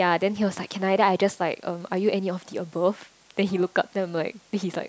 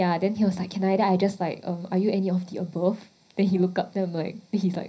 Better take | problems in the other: first | room echo; dies away in 0.5 s

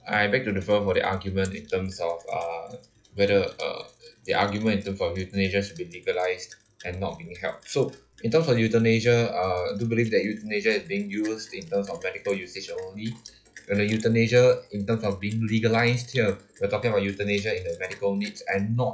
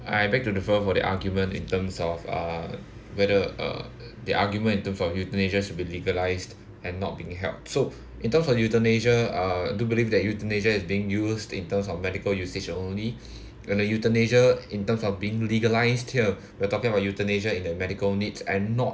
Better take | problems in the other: second | noise reduction (classical method log-MMSE)

